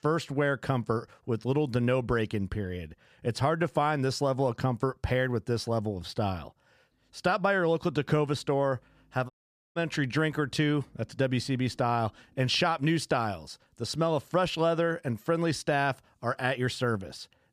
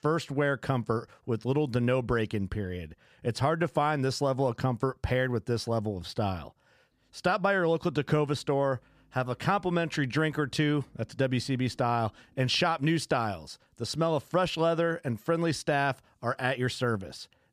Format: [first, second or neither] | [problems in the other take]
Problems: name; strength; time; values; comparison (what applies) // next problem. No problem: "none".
second | audio cutting out; at 9.5 s